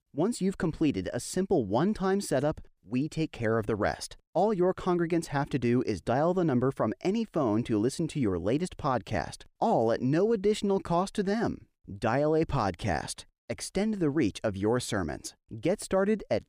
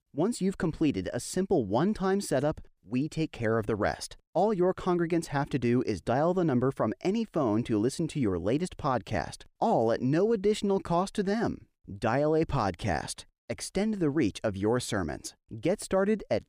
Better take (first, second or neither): neither